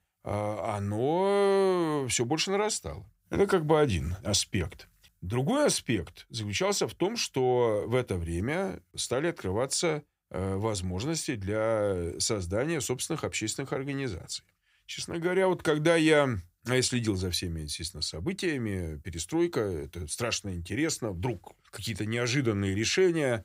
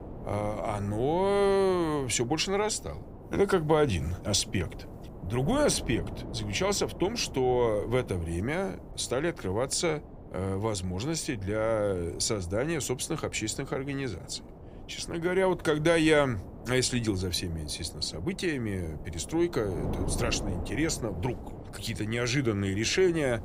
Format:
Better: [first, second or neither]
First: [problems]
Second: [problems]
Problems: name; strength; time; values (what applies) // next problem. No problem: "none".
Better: first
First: none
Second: wind noise on the microphone; occasional gusts; 15 dB below the speech